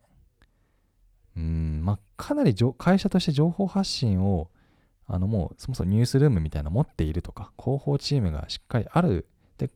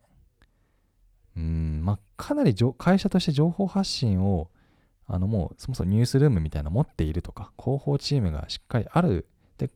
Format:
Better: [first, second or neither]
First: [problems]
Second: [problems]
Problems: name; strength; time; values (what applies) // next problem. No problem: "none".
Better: neither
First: none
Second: none